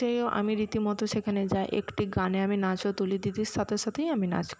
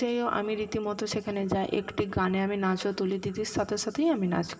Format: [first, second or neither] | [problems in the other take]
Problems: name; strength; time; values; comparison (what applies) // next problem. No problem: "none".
first | room echo; dies away in 1.1 s